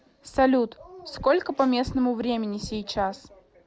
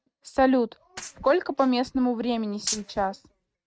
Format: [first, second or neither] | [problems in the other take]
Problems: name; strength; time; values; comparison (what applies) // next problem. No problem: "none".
first | noise reduction (neural mask model RNNoise)